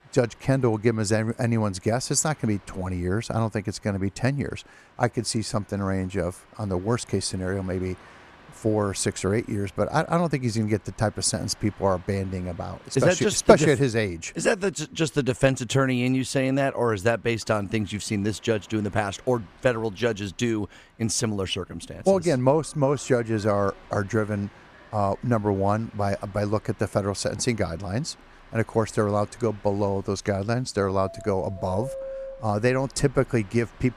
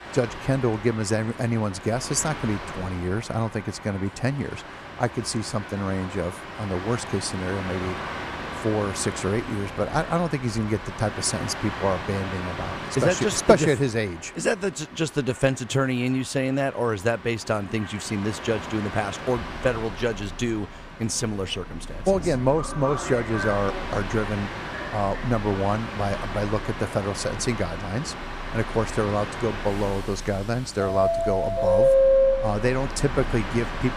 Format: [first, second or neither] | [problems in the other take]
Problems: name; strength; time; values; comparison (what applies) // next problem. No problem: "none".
first | train or aircraft noise; loud; throughout; 4 dB below the speech; faint in the first